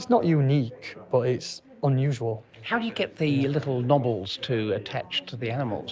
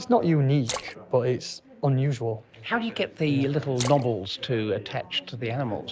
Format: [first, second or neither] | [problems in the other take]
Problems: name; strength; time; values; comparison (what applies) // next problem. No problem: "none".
first | background sound (Splash, splatter); 15 dB below the speech